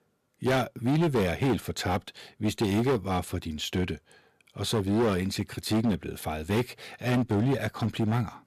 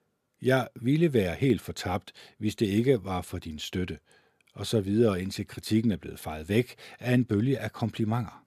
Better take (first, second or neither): second